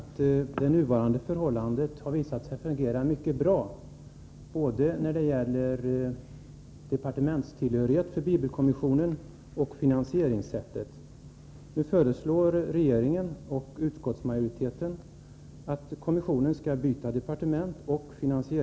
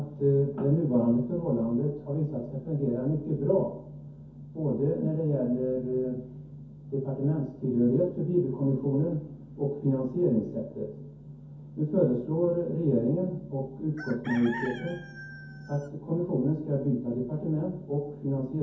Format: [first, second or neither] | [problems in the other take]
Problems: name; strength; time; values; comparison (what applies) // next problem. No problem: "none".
first | background sound (Chicken, rooster); 14 dB below the speech // room echo; dies away in 0.6 s